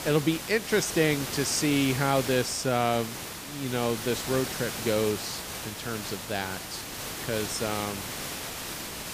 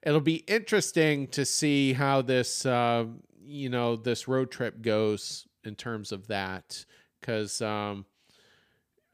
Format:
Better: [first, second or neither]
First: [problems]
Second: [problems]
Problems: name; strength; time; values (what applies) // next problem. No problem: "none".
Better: second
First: hiss; loud; throughout; 6 dB below the speech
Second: none